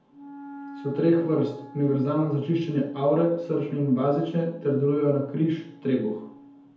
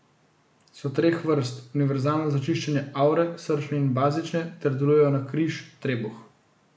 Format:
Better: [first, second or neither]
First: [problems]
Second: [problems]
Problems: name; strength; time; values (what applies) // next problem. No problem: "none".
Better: second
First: background sound (Wind instrument, woodwind instrument); 20 dB below the speech // room echo; dies away in 0.5 s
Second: none